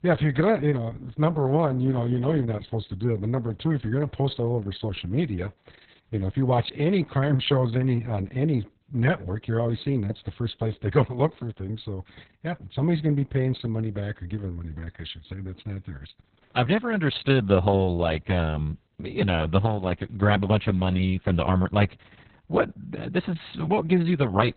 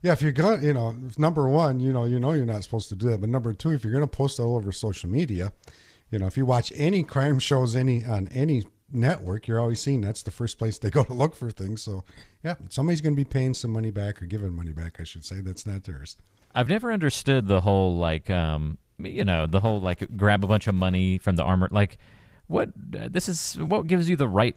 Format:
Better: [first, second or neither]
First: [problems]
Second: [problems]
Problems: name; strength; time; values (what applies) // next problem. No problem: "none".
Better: second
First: garbled, watery; badly; nothing above 4 kHz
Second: garbled, watery; slightly; nothing above 15.5 kHz